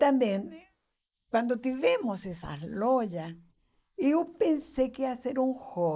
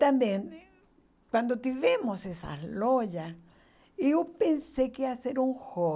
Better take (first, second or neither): second